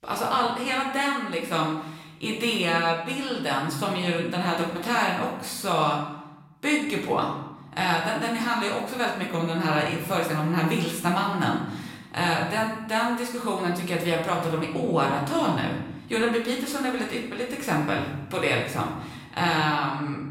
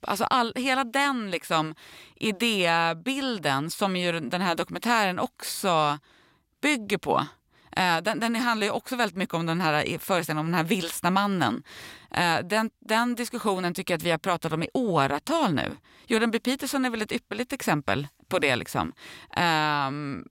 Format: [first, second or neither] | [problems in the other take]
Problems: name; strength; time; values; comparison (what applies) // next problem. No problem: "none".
second | room echo; noticeable; dies away in 0.9 s // off-mic speech; far